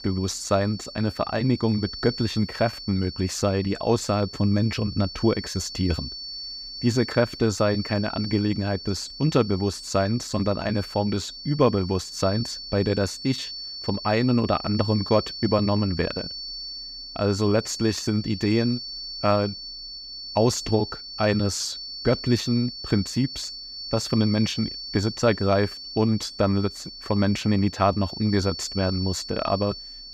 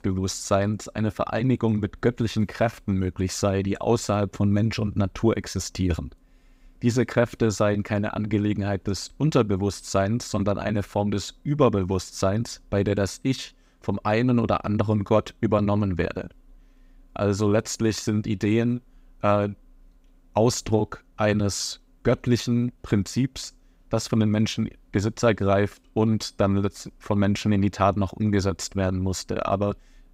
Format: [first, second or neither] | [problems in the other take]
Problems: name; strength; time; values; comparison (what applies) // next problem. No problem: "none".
second | high-pitched whine; loud; throughout; 4.5 kHz, 10 dB below the speech